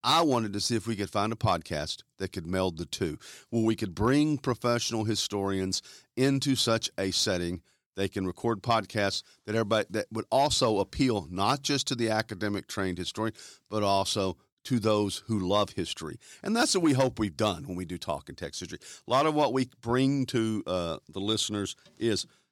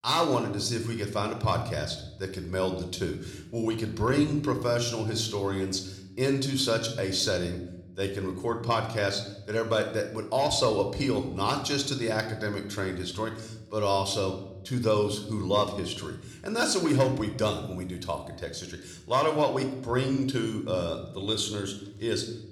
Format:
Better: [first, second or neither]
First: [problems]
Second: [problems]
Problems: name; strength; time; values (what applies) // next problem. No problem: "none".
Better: first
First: none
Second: room echo; slight; dies away in 0.8 s